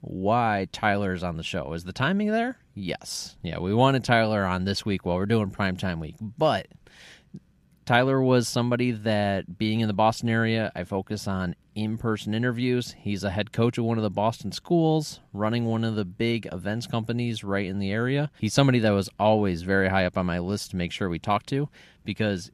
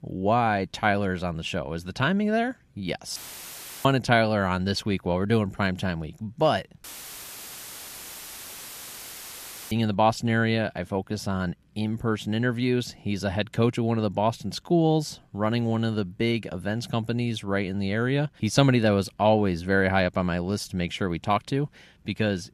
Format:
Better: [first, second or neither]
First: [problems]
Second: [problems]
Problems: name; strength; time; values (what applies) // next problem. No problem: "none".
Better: first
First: none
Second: audio cutting out; filled with static; at 3 s for 0.5 s and at 7 s for 3 s